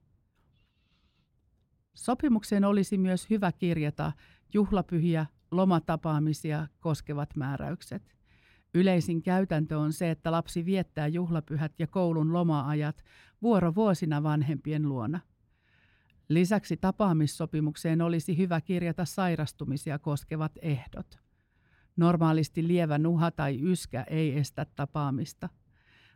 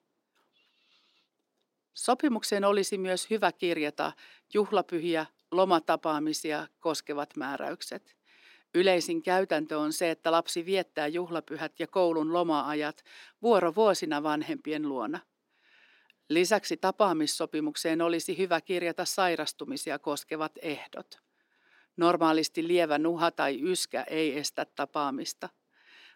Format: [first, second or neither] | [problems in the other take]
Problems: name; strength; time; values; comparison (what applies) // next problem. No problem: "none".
first | thin; very; fading below 300 Hz